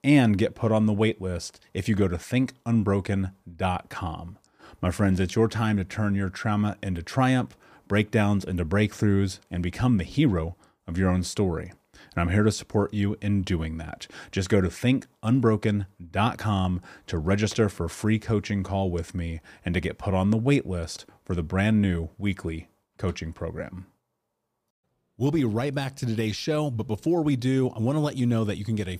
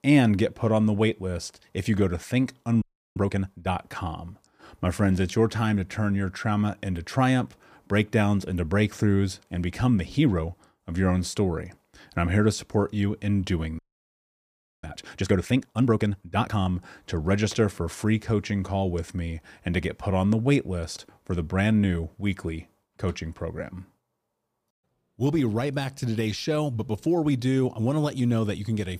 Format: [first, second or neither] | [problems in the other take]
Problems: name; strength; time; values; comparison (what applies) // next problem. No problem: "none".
first | audio freezing; at 3 s and at 14 s for 1 s